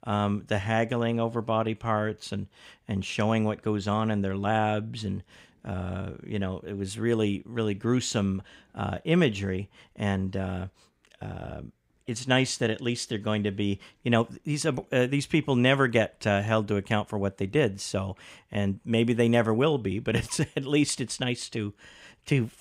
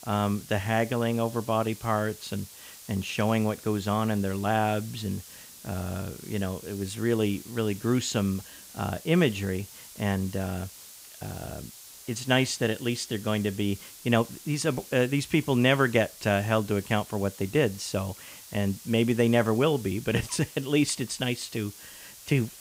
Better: first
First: none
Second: hiss; noticeable; throughout; 15 dB below the speech

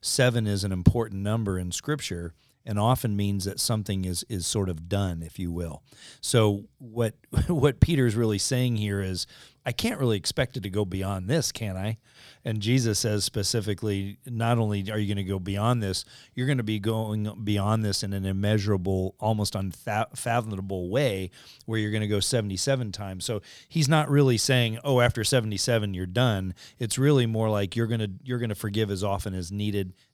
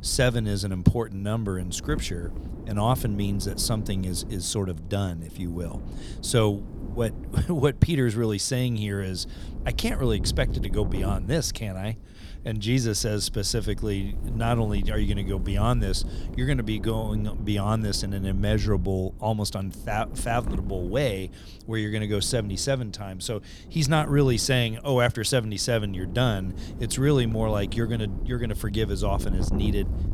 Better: first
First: none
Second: wind noise on the microphone; occasional gusts; 15 dB below the speech

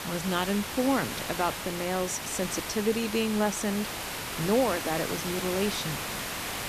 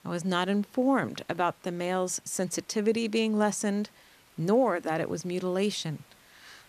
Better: second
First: hiss; loud; throughout; 4 dB below the speech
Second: hiss; faint; throughout; 30 dB below the speech

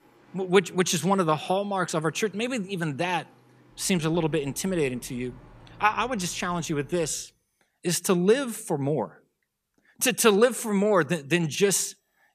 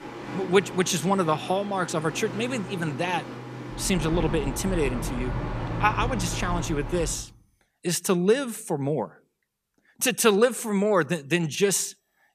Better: first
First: train or aircraft noise; faint; until 7 s; 30 dB below the speech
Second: train or aircraft noise; loud; until 7 s; 9 dB below the speech

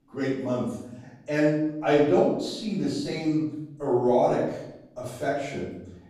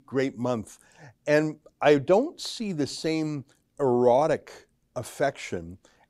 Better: second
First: off-mic speech; far // room echo; noticeable; dies away in 0.8 s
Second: none

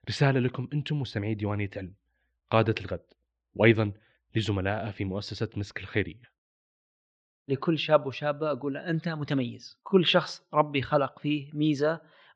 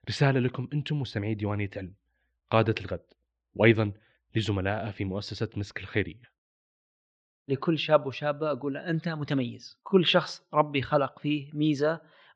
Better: neither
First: muffled; slightly; fading above 4 kHz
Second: muffled; slightly; fading above 4 kHz

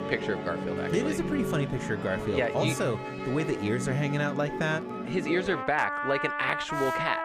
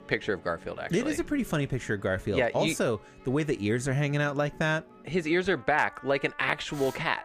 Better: second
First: background music; loud; throughout; 3 dB below the speech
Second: background music; faint; throughout; 20 dB below the speech

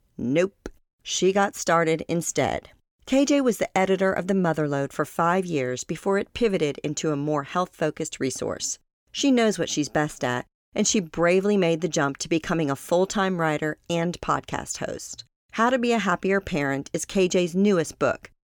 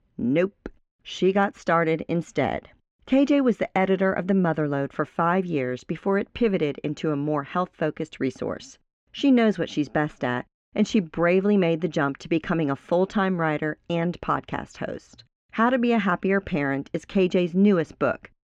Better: first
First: none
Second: muffled; very; fading above 2.5 kHz

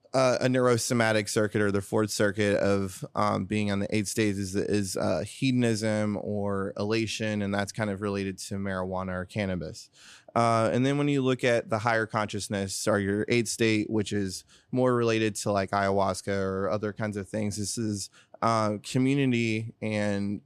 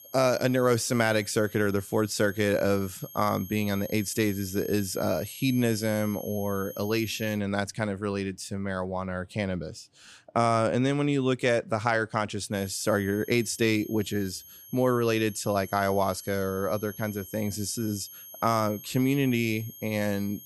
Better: first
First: none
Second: high-pitched whine; noticeable; until 7.5 s and from 13 s on; 11.5 kHz, 15 dB below the speech

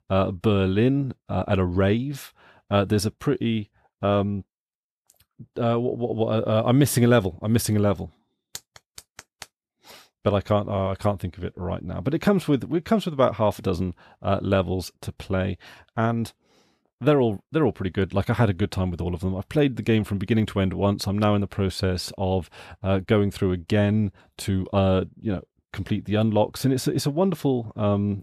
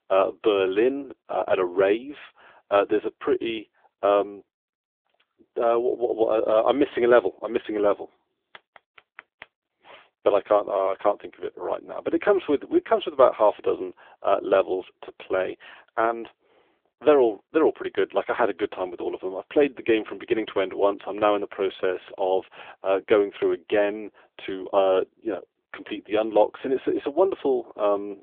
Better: first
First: none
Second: phone-call audio; nothing above 3.5 kHz

